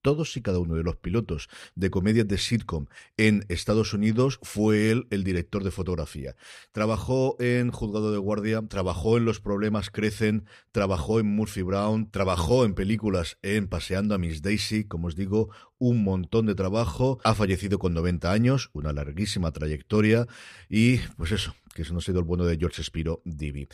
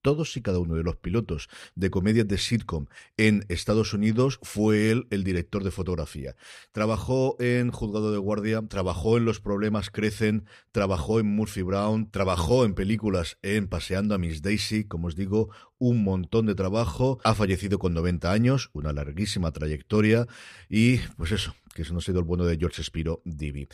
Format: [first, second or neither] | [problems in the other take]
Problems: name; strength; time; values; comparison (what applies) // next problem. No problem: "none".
neither | none